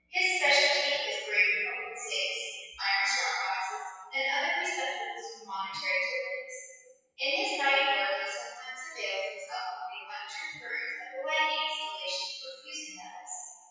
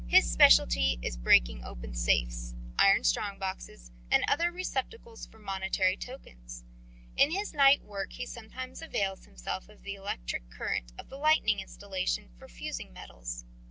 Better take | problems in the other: second | noise reduction (classical method WPE with log-MMSE)

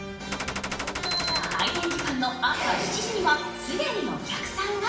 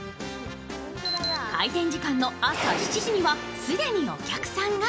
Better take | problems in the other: second | background sound (Gunshot, gunfire); 5 dB below the speech // room echo; dies away in 0.6 s

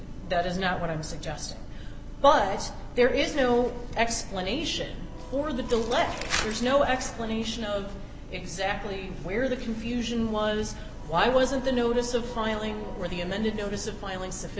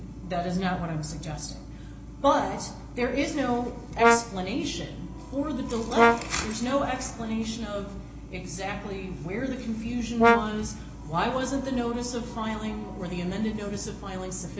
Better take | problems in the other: first | background sound (Brass instrument); 3 dB above the speech // room echo; dies away in 0.4 s

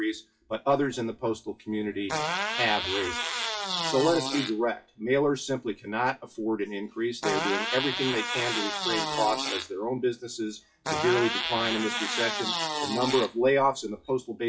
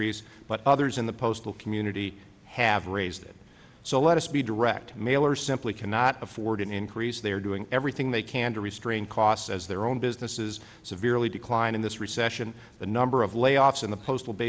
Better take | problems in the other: second | noise reduction (classical method WPE with log-MMSE)

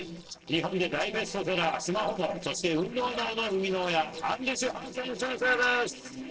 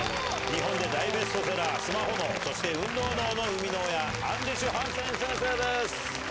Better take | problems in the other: second | noise reduction (neural separator model SepFormer DNS4)

